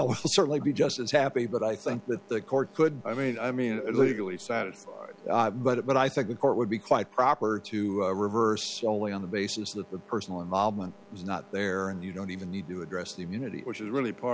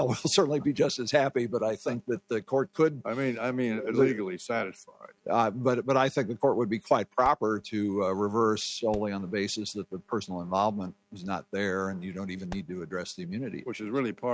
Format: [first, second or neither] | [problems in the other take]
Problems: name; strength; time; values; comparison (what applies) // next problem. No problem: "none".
first | noise reduction (neural mask model RNNoise)